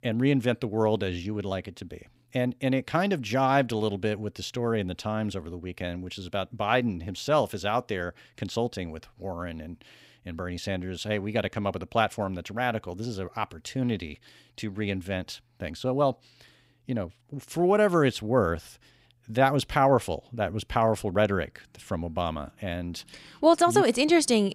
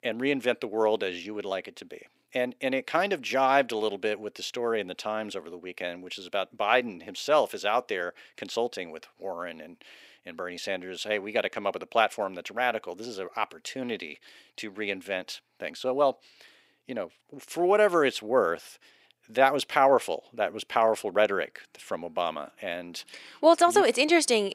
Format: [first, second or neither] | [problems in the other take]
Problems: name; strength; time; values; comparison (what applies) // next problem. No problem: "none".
first | thin; somewhat; fading below 400 Hz